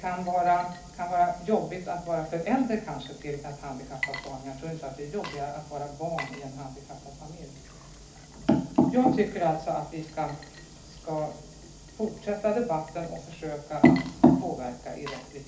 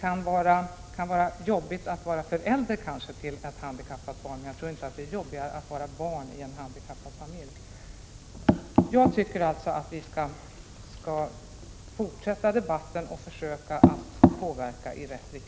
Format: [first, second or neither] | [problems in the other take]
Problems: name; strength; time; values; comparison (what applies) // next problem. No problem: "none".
second | background sound (Water / Liquid); 18 dB below the speech // room echo; dies away in 0.4 s